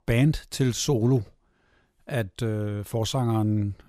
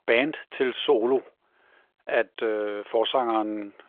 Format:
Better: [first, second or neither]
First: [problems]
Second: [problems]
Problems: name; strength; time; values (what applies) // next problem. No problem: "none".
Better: first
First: none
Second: phone-call audio; nothing above 3.5 kHz